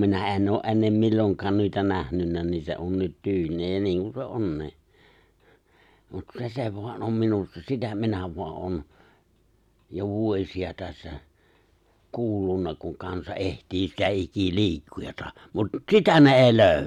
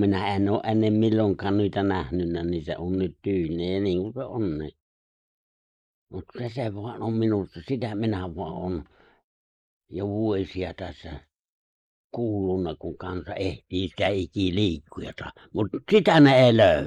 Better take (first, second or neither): first